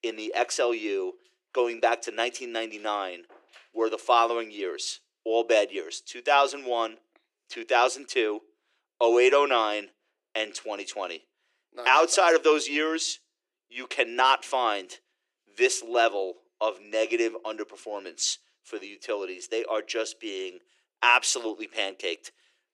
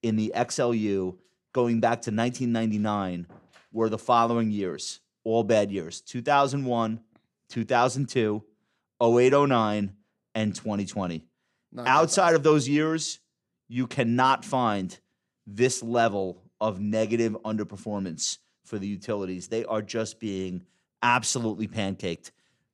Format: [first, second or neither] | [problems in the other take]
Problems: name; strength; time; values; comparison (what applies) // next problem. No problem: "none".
second | thin; very; fading below 350 Hz